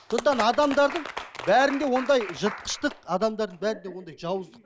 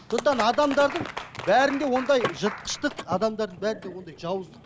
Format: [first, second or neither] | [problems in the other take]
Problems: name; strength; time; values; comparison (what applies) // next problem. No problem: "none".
first | background sound (Mechanisms / Car); 15 dB below the speech